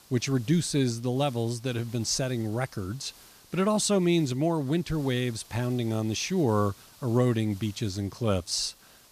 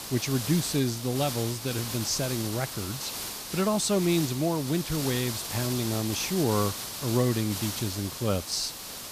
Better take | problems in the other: first | hiss; loud; throughout; 5 dB below the speech; faint in the first

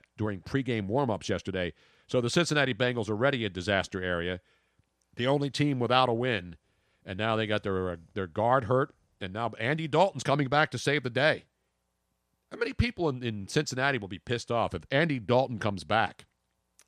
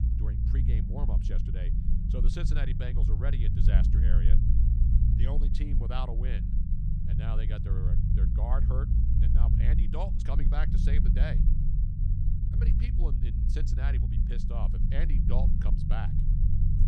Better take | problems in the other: first | low rumble; loud; throughout; 1 dB below the speech

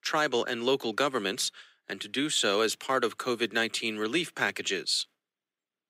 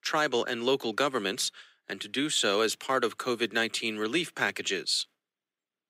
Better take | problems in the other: neither | thin; somewhat; fading below 450 Hz; the same in both

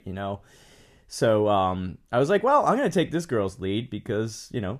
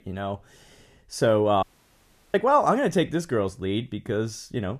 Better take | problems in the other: first | audio cutting out; at 1.5 s for 0.5 s

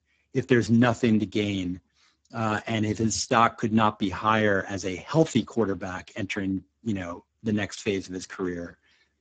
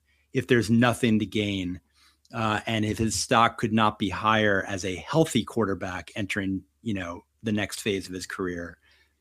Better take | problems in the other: second | garbled, watery; badly; nothing above 7.5 kHz

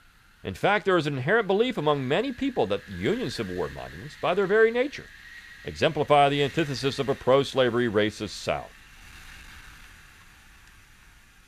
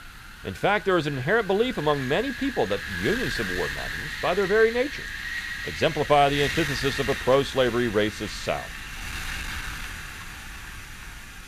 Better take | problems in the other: first | wind noise on the microphone; heavy; 7 dB below the speech; occasional gusts in the first

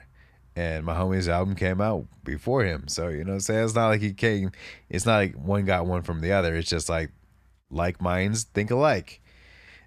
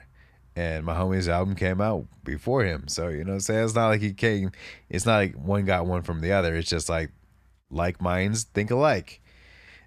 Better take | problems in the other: neither | none

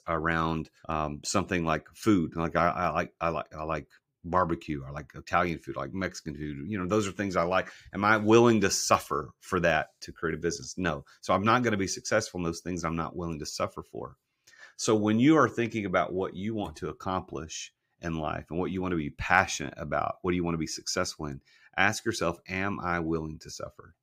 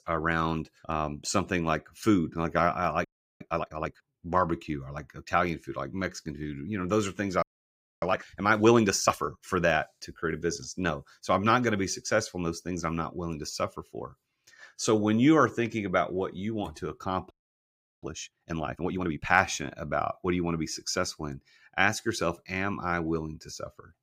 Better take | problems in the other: first | audio freezing; at 3 s, at 7.5 s for 0.5 s and at 17 s for 0.5 s

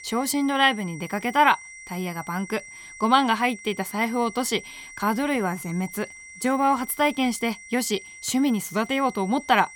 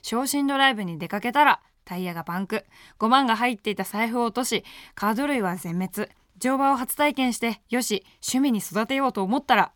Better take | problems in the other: second | high-pitched whine; noticeable; throughout; 2 kHz, 15 dB below the speech

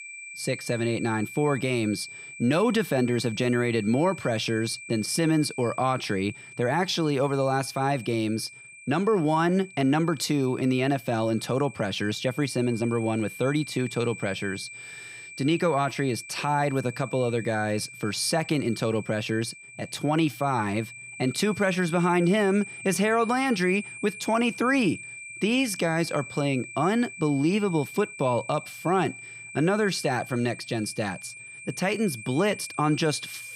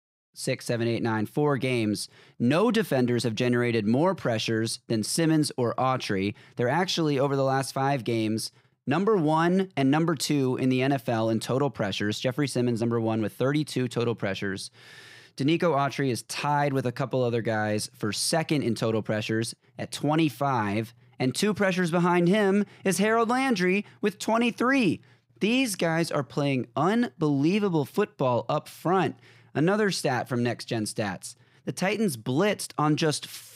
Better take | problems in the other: second | high-pitched whine; noticeable; throughout; 2.5 kHz, 15 dB below the speech

